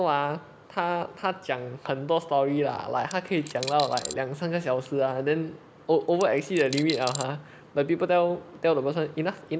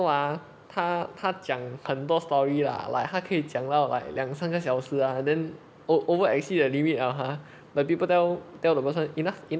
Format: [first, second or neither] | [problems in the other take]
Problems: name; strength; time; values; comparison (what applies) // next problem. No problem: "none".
second | background sound (Coin (dropping)); 11 dB below the speech